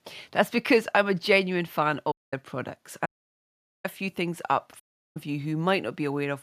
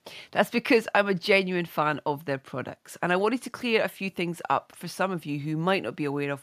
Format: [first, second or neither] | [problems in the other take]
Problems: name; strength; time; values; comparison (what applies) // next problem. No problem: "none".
second | audio cutting out; at 2 s, at 3 s for 1 s and at 5 s